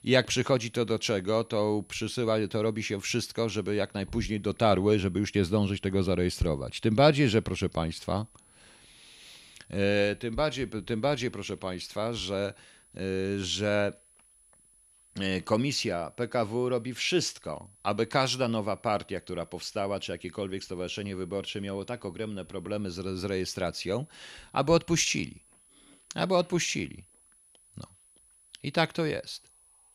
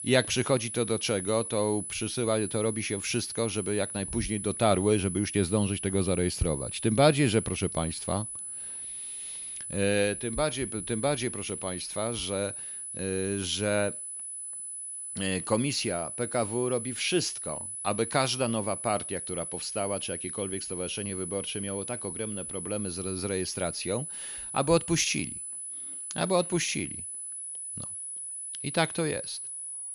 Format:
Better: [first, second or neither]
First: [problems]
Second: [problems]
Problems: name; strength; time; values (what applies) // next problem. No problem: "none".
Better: first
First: high-pitched whine; faint; throughout; 10 kHz, 30 dB below the speech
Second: high-pitched whine; loud; throughout; 10 kHz, 6 dB below the speech